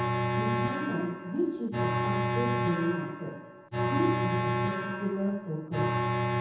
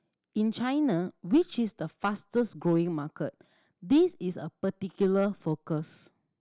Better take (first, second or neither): second